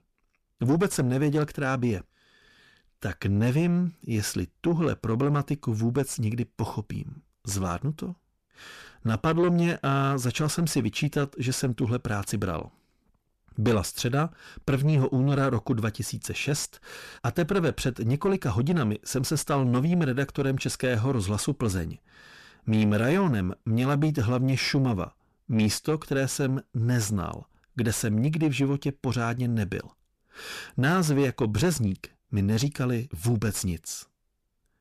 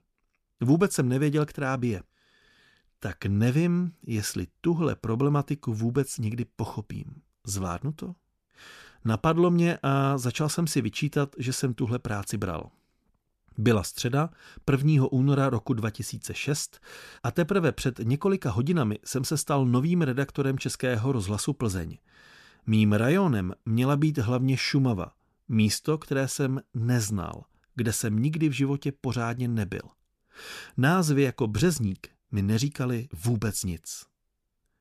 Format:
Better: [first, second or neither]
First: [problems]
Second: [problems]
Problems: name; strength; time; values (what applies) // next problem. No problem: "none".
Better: second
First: distortion; slight; 10 dB below the speech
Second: none